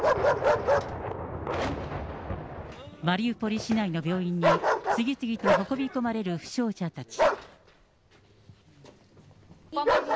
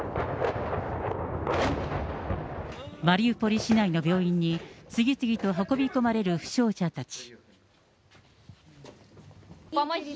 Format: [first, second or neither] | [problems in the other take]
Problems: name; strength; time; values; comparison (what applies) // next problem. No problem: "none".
second | background sound (Bark); 1 dB above the speech